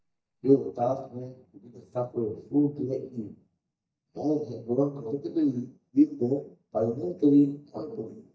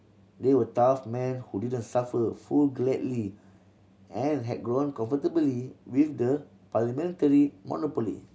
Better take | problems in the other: second | noise reduction (neural mask model DeepFilterNet 3)

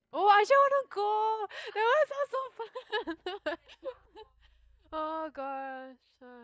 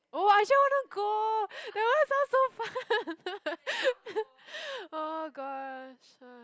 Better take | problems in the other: second | noise reduction (neural mask model DeepFilterNet 3)

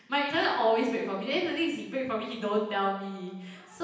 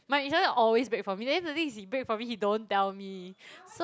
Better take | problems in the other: second | room echo; dies away in 0.9 s

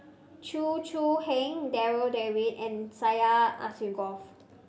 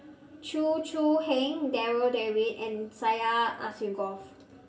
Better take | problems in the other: first | room echo; dies away in 0.2 s

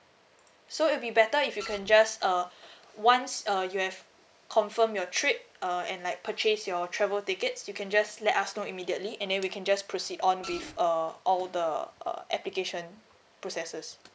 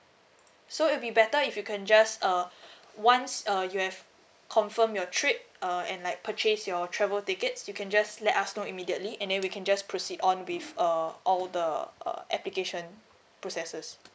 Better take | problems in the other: second | background sound (Printer); 14 dB below the speech

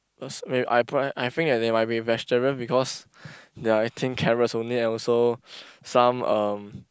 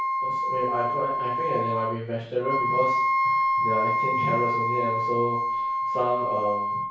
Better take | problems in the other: first | background sound (Wind instrument, woodwind instrument); 4 dB above the speech // room echo; dies away in 0.6 s

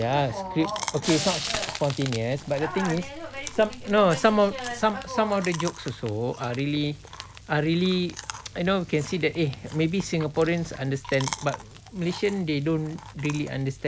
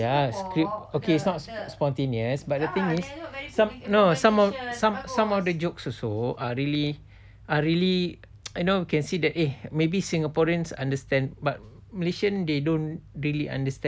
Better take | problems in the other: second | background sound (Chewing, mastication + Frying (food)); 12 dB below the speech

